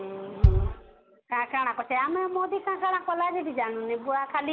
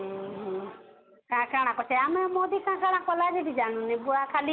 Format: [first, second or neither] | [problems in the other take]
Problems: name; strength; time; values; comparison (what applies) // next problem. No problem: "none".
second | background sound (Bass drum); 2 dB above the speech